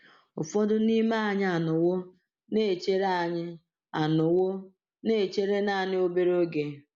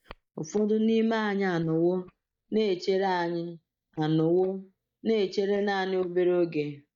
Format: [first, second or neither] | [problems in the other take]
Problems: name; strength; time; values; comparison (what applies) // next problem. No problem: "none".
first | noise reduction (neural mask model DeepFilterNet 3)